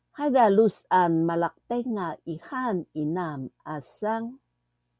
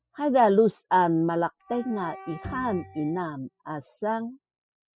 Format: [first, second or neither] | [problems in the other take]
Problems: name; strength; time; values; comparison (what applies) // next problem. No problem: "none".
first | noise reduction (classical method spectral subtraction)